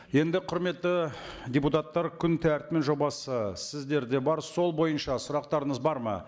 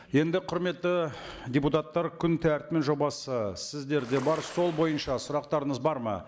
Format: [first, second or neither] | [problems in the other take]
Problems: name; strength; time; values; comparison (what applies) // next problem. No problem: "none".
first | background sound (Ocean); 15 dB below the speech